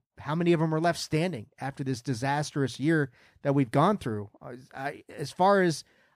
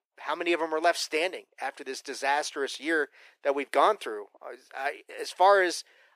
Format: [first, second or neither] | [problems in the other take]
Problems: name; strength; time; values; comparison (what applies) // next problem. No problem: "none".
first | thin; very; fading below 400 Hz